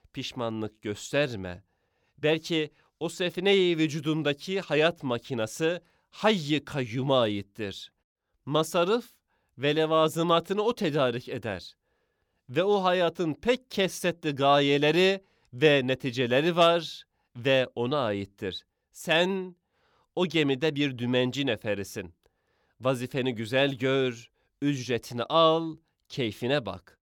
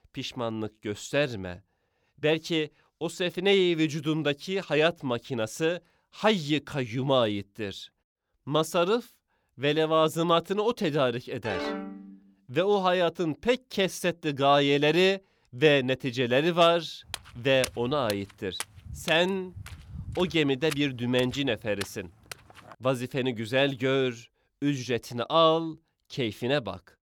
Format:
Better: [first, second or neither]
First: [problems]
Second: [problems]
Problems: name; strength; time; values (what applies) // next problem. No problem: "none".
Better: first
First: none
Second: phone ringing; noticeable; at 11 s; peak 6 dB below the speech // footsteps; noticeable; from 17 to 23 s; peak 9 dB below the speech